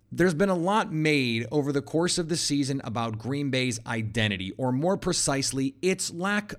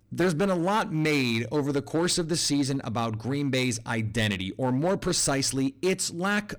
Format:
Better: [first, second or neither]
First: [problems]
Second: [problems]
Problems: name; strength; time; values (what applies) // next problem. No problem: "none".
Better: first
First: none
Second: distortion; slight; 8% of the sound clipped